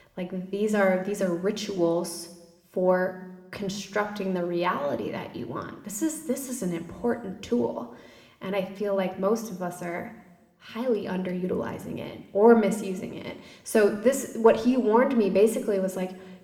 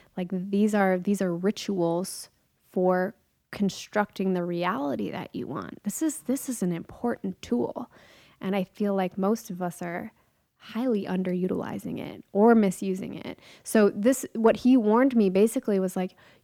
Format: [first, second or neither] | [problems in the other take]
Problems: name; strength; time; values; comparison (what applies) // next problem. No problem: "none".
second | room echo; slight; dies away in 0.8 s